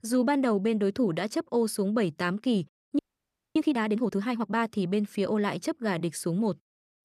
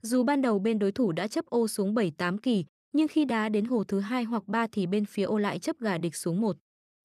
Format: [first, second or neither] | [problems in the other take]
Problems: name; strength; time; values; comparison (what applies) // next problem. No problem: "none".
second | audio freezing; at 3 s for 0.5 s